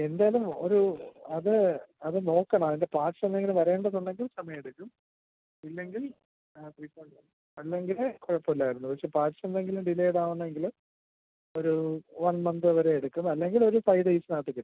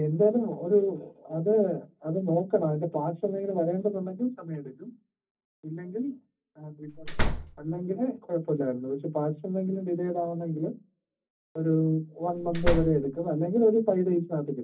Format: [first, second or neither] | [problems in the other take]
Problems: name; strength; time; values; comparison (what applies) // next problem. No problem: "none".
first | background sound (Slam); as loud as the speech // room echo; dies away in 0.4 s